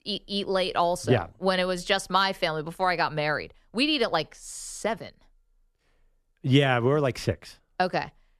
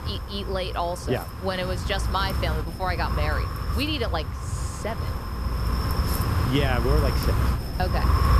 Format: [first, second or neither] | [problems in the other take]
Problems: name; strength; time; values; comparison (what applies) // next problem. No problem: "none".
first | wind noise on the microphone; heavy; 4 dB below the speech